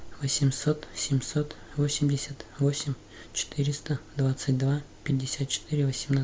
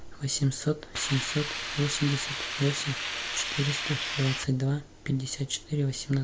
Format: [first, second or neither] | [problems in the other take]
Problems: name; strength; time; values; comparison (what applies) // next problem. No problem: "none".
first | background sound (Hiss); 4 dB below the speech